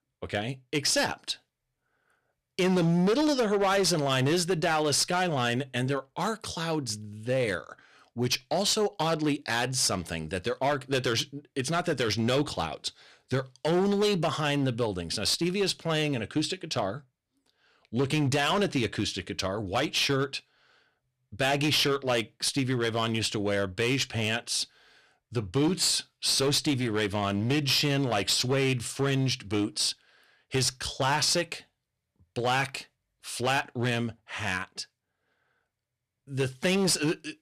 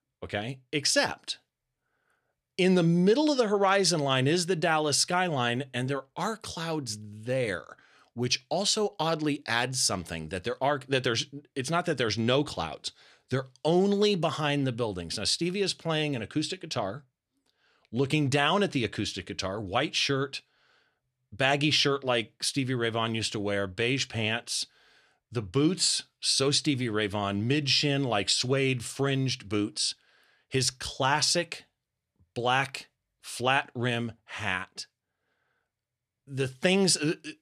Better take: second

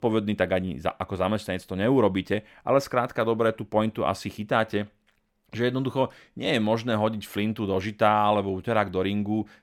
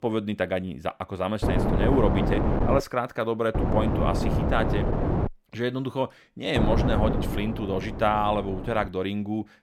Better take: first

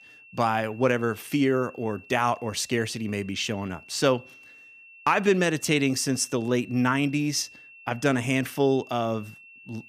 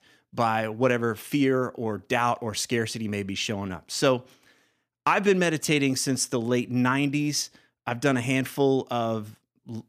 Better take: second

